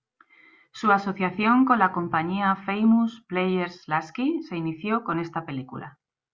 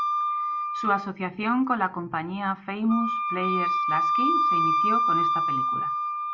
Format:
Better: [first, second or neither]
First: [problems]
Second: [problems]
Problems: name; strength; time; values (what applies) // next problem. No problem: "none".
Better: first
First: none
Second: background sound (Wind instrument, woodwind instrument); 3 dB above the speech